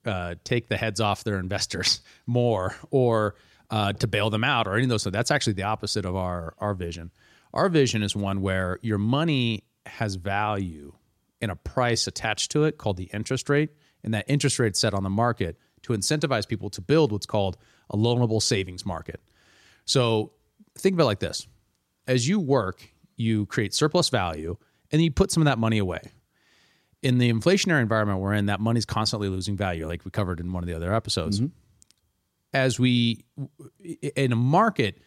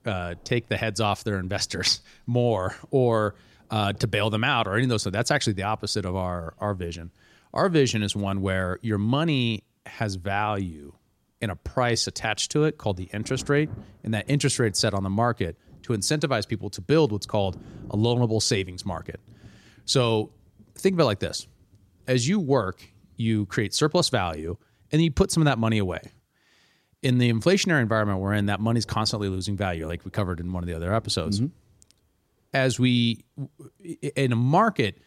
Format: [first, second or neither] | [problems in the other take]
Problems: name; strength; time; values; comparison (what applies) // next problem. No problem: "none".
first | rain or running water; faint; throughout; 25 dB below the speech